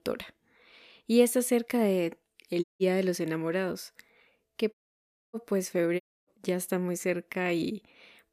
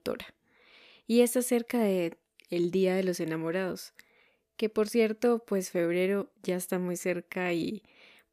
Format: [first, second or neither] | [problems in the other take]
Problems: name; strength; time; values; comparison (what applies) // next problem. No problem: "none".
second | audio cutting out; at 2.5 s, at 4.5 s for 0.5 s and at 6 s